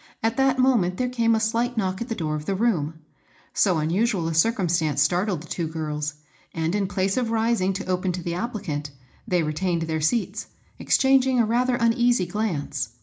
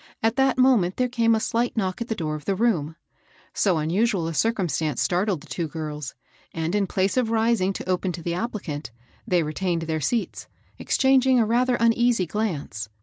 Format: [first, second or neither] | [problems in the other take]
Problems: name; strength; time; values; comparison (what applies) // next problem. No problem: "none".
second | room echo; dies away in 0.4 s